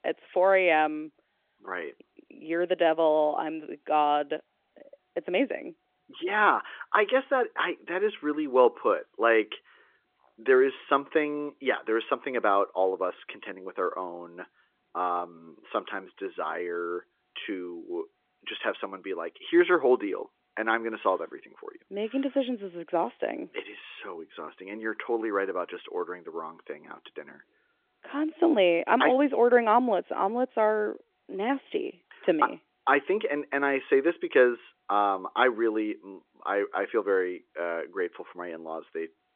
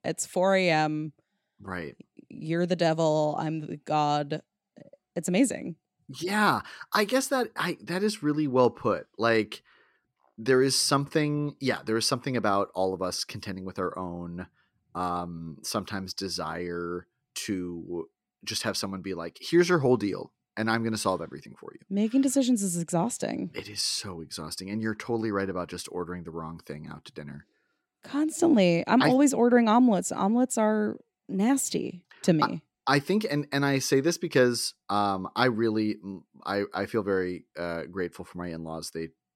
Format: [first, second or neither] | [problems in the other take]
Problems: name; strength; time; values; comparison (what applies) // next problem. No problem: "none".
second | phone-call audio; nothing above 3.5 kHz